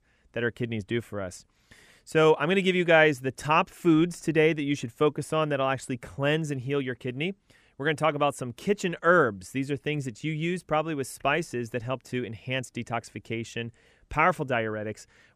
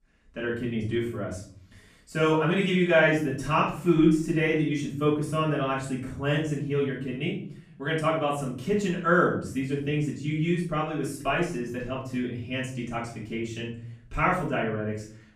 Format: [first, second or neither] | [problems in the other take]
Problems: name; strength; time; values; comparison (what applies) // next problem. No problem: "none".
first | room echo; noticeable; dies away in 0.7 s // off-mic speech; far